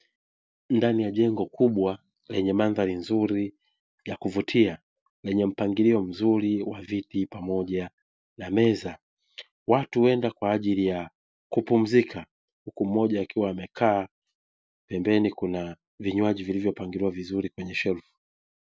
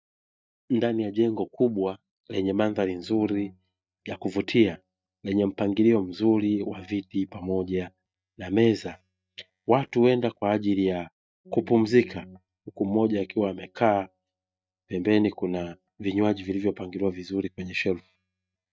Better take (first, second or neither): first